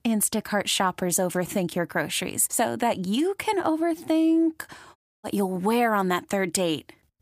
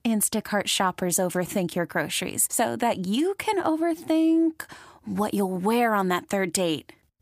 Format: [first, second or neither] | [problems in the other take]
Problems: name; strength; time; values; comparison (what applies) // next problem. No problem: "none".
second | audio cutting out; at 5 s